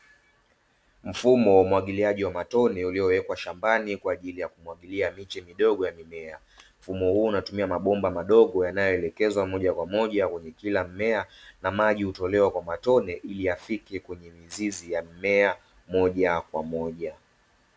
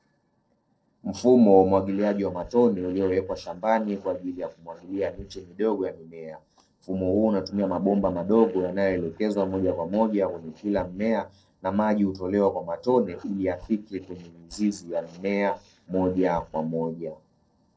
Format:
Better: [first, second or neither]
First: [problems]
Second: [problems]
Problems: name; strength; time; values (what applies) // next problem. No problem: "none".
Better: first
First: none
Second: noise reduction (neural separator model SepFormer DNS4)